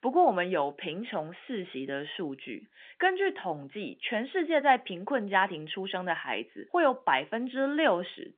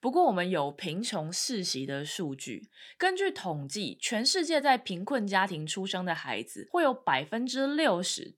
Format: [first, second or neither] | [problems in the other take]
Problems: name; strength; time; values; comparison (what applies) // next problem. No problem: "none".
second | phone-call audio; nothing above 3.5 kHz